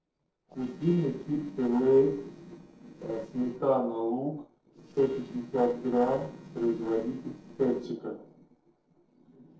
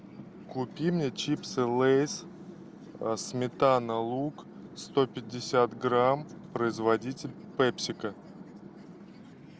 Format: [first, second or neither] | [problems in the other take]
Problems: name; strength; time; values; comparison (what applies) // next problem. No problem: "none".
second | noise reduction (neural separator model SepFormer DNS4)